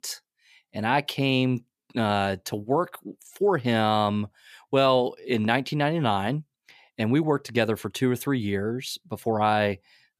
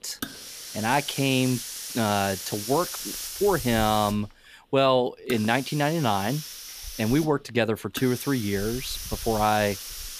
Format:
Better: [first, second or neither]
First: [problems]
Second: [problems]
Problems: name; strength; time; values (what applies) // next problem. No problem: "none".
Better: first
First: none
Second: hiss; loud; throughout; 9 dB below the speech